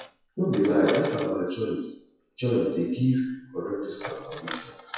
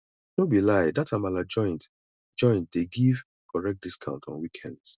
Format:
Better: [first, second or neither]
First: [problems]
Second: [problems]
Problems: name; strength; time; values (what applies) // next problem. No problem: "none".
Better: second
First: noise reduction (classical method WPE with log-MMSE)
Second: none